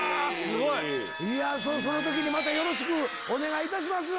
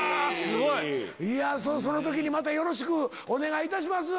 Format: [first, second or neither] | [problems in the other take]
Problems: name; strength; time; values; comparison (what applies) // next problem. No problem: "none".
second | background sound (Vehicle); 7 dB below the speech